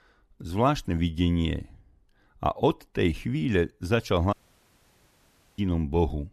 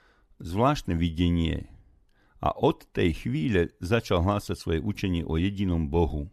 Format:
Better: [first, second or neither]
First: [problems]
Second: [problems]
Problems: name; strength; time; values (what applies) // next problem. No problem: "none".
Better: second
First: audio cutting out; at 4.5 s for 1.5 s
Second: none